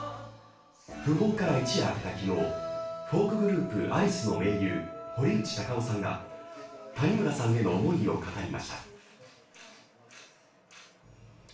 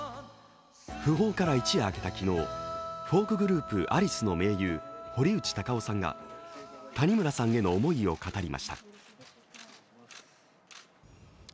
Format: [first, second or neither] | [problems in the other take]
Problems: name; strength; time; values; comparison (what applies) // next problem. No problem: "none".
second | room echo; dies away in 0.4 s